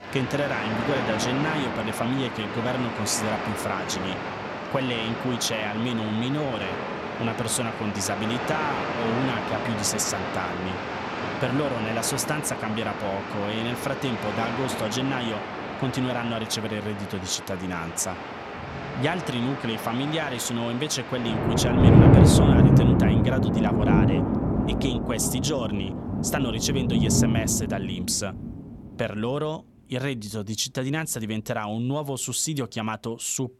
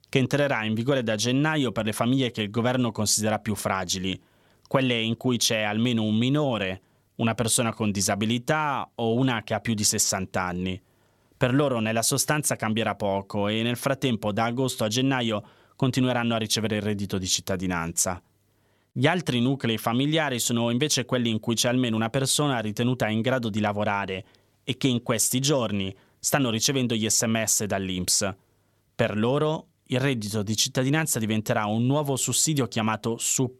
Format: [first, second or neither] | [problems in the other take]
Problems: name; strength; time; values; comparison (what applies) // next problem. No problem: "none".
second | rain or running water; very loud; throughout; 2 dB above the speech